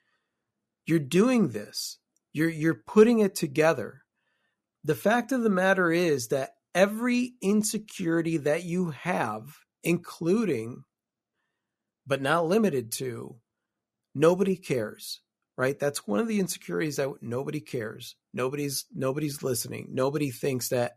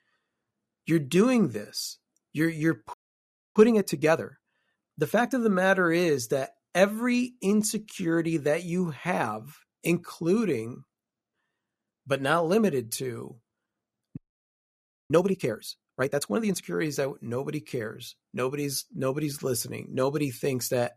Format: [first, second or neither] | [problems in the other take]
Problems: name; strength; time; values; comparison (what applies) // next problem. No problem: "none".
first | audio freezing; at 3 s for 0.5 s and at 14 s for 1 s